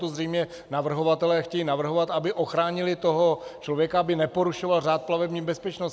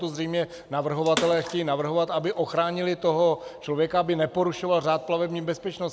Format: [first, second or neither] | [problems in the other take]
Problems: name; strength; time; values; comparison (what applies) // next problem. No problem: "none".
first | background sound (Bathtub (filling or washing) / Water / Splash, splatter); 13 dB below the speech